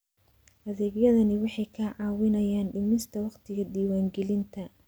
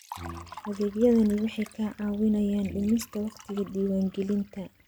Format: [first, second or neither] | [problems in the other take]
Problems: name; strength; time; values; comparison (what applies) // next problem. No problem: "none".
first | background sound (Brass instrument + Liquid); 18 dB below the speech